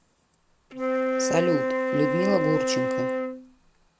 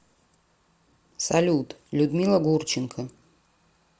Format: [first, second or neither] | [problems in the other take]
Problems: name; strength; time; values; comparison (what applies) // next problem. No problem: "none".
second | background sound (Wind instrument, woodwind instrument); 3 dB above the speech